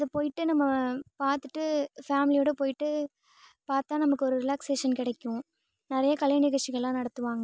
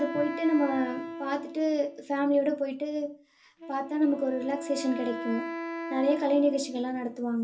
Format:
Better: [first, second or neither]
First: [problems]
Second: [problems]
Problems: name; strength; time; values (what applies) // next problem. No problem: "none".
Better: first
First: none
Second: background sound (Wind instrument, woodwind instrument); 10 dB below the speech // room echo; dies away in 0.3 s